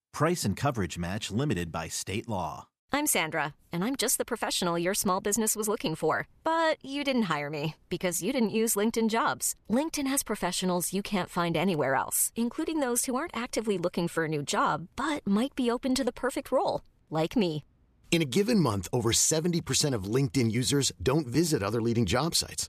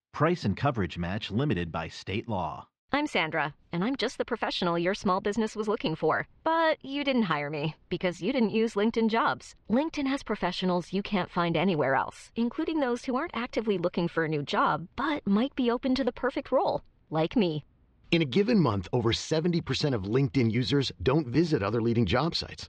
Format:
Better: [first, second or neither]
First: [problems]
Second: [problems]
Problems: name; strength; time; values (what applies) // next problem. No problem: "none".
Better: first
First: none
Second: muffled; slightly; fading above 4 kHz